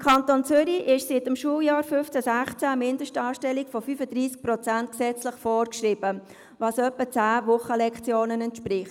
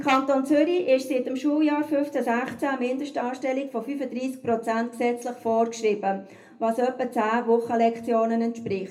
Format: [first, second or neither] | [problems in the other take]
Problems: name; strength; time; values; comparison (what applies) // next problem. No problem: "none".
first | room echo; dies away in 0.3 s